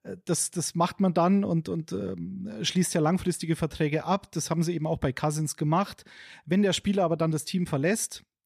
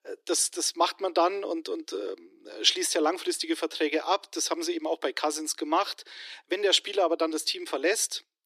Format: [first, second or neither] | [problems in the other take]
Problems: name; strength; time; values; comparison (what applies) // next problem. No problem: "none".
first | thin; very; fading below 300 Hz